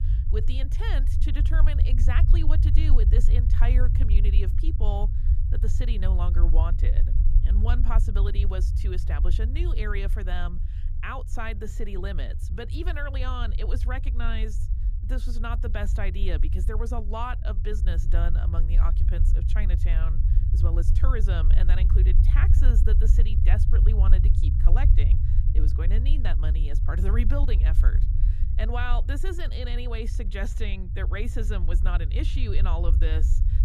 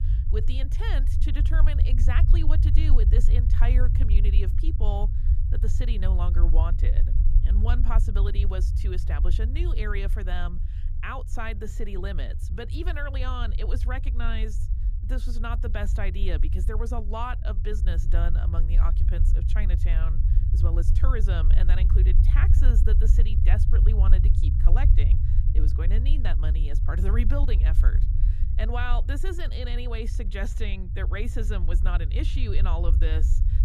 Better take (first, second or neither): neither